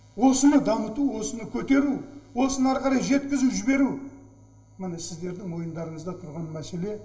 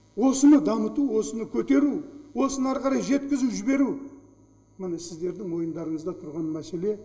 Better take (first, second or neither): second